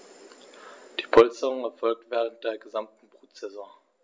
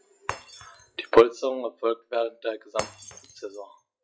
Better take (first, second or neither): first